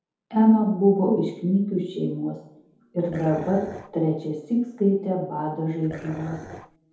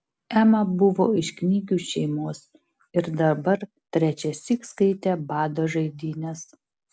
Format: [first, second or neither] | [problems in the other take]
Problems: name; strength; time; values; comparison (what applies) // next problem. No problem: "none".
second | background sound (Dog); 15 dB below the speech // room echo; dies away in 0.8 s